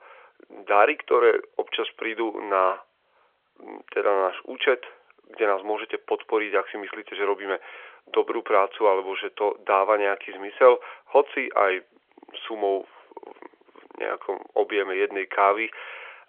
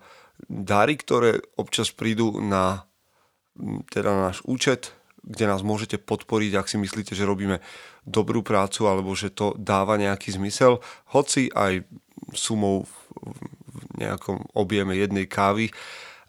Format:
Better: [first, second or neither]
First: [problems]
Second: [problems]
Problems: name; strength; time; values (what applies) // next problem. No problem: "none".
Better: second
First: phone-call audio; nothing above 3.5 kHz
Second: none